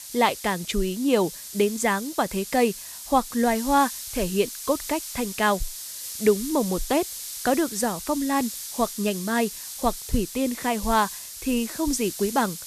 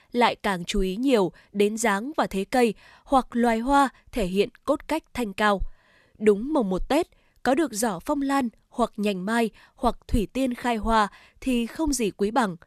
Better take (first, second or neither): second